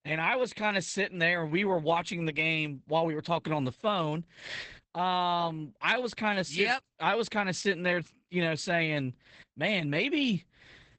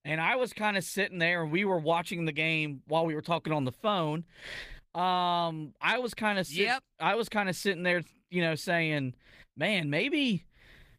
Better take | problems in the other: second | garbled, watery; badly; nothing above 8 kHz; slightly in the second

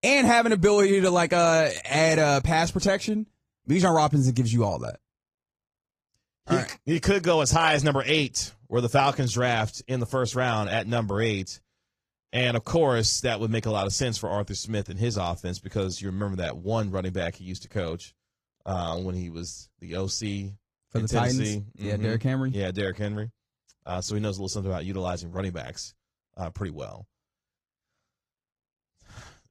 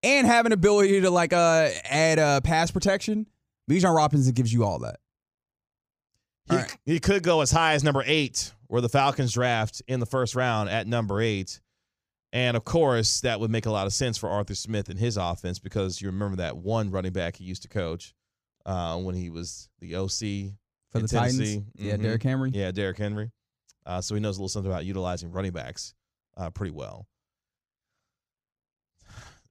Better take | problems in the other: second | garbled, watery; slightly; nothing above 15 kHz

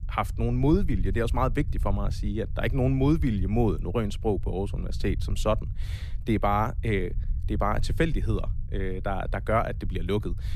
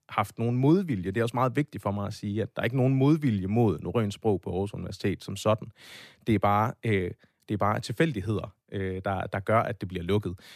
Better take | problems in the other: second | low rumble; faint; throughout; 20 dB below the speech

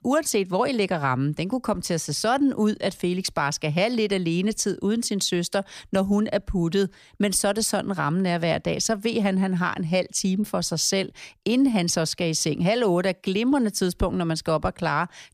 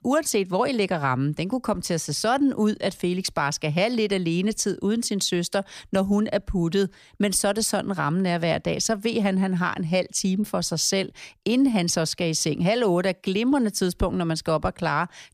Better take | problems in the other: neither | none

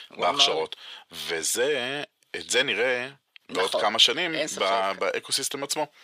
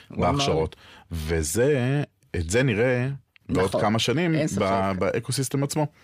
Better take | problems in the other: second | thin; very; fading below 550 Hz

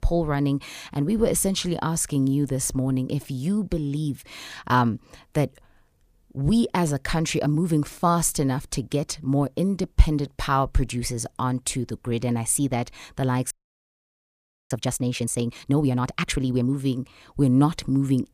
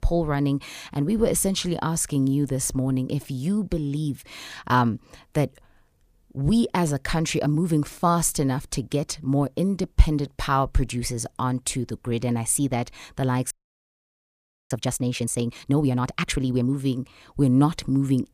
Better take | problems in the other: neither | audio freezing; at 14 s for 1 s; the same in both

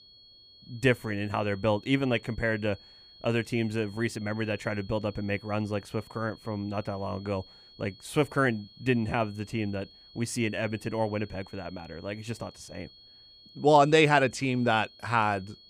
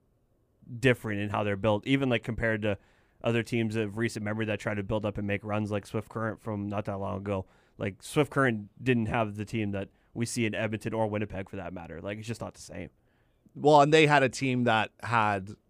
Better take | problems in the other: second | high-pitched whine; faint; throughout; 4.5 kHz, 25 dB below the speech

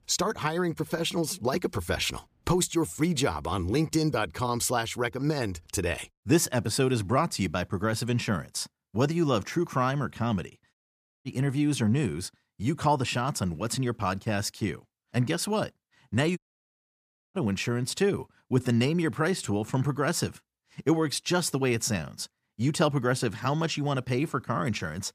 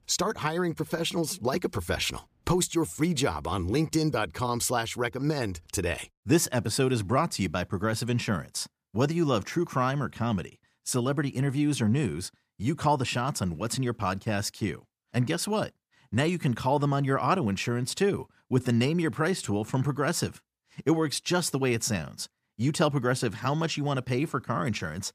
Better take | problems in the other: second | audio cutting out; at 11 s for 0.5 s and at 16 s for 1 s

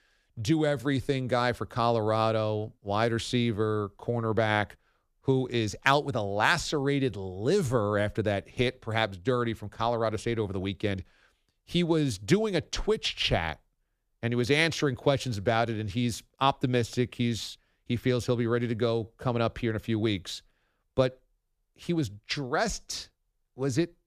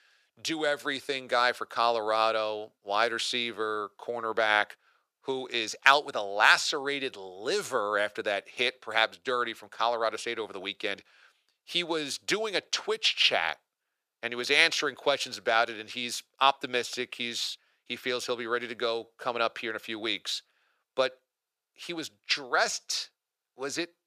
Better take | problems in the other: first | thin; very; fading below 550 Hz

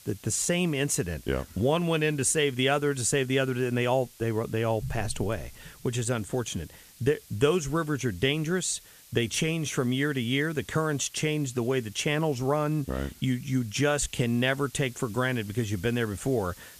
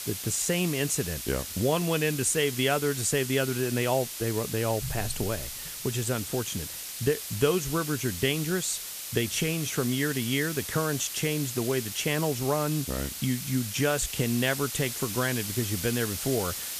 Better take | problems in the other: first | hiss; loud; throughout; 6 dB below the speech; faint in the first

